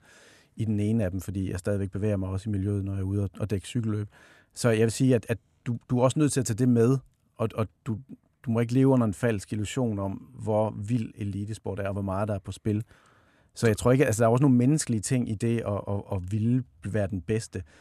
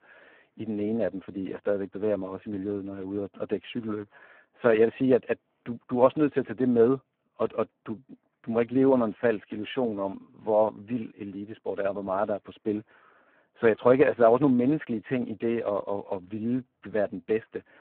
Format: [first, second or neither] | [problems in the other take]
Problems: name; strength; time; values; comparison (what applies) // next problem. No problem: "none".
first | phone-call audio; poor line